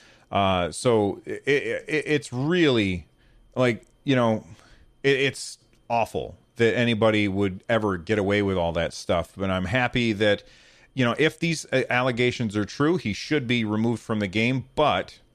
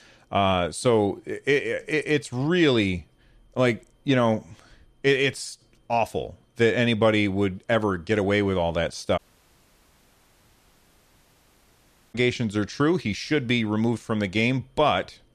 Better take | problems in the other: first | audio cutting out; at 9 s for 3 s

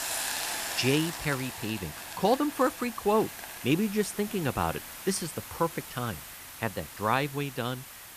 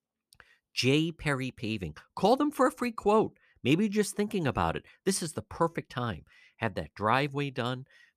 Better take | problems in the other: second | hiss; loud; throughout; 7 dB below the speech

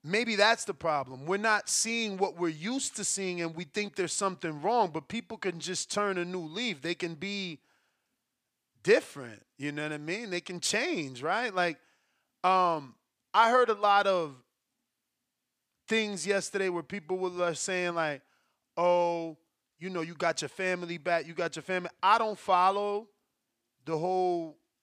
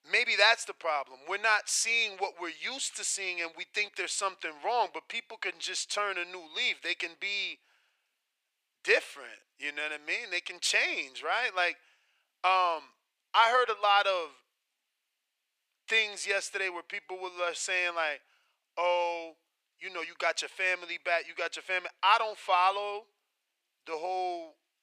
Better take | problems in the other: first | thin; very; fading below 500 Hz

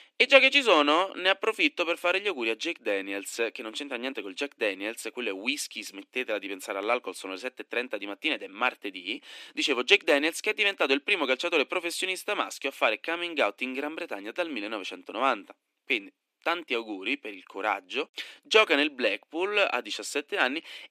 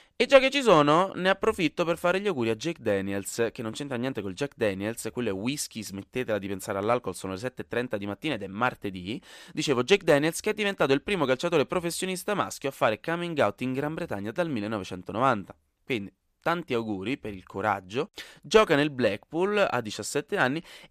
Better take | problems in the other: second | thin; very slightly; fading below 250 Hz

